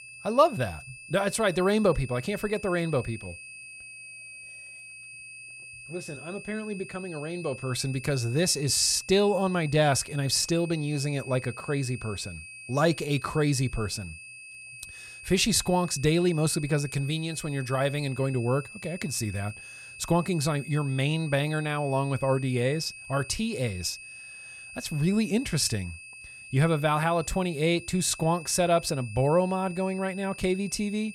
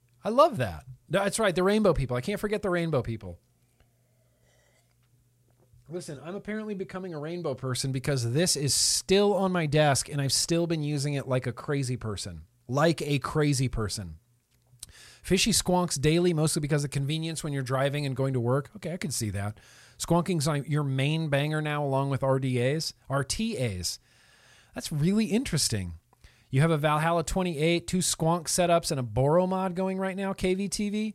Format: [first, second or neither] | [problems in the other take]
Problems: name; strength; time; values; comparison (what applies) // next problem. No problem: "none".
second | high-pitched whine; noticeable; throughout; 2.5 kHz, 15 dB below the speech